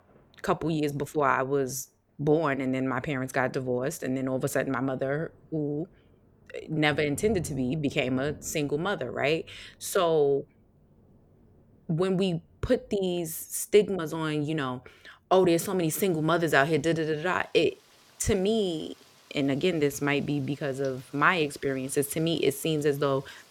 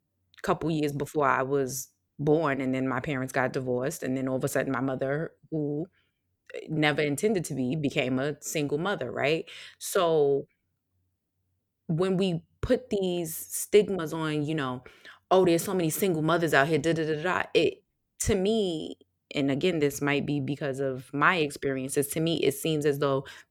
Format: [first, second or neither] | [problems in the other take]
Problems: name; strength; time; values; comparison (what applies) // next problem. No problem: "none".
second | rain or running water; faint; throughout; 25 dB below the speech